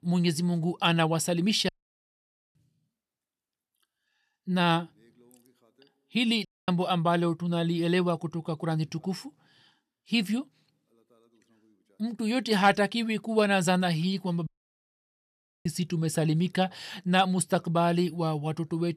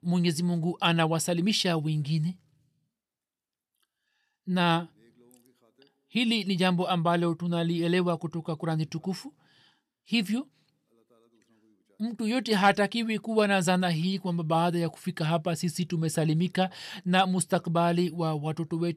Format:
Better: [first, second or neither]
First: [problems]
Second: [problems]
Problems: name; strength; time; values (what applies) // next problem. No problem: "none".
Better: second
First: audio cutting out; at 1.5 s for 1 s, at 6.5 s and at 14 s for 1 s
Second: none